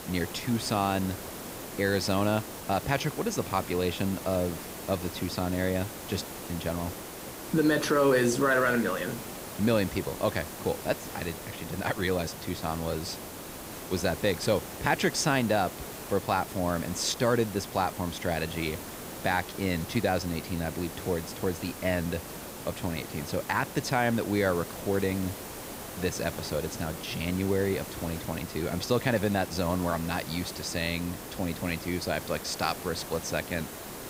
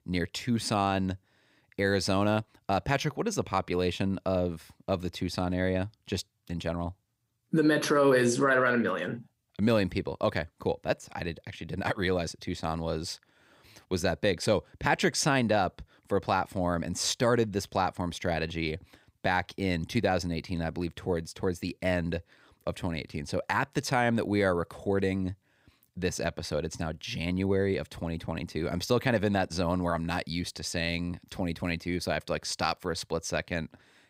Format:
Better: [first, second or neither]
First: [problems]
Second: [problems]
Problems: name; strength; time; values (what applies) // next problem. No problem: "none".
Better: second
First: hiss; loud; throughout; 9 dB below the speech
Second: none